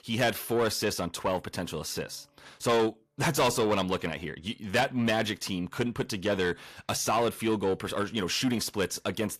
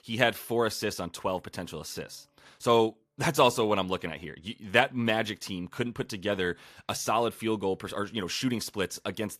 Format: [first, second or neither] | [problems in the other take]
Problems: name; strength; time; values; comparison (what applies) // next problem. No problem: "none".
second | distortion; heavy; 8 dB below the speech